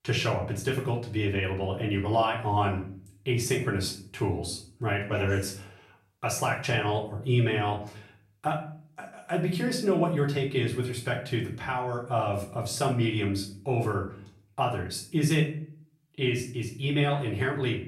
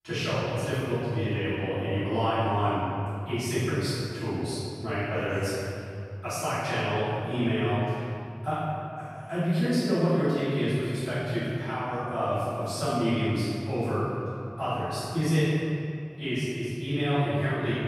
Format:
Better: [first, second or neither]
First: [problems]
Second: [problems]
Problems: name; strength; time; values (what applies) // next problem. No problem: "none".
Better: first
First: room echo; slight; dies away in 0.4 s // off-mic speech; far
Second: room echo; strong; dies away in 2.4 s // off-mic speech; far